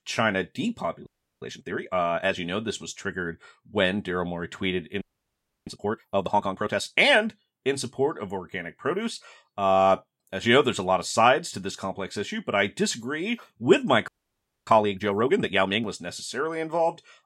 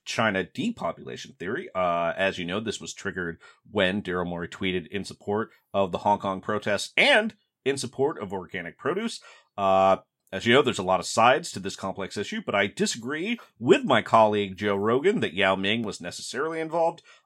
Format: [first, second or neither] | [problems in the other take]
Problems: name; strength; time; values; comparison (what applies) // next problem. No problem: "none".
second | audio freezing; at 1 s, at 5 s for 0.5 s and at 14 s for 0.5 s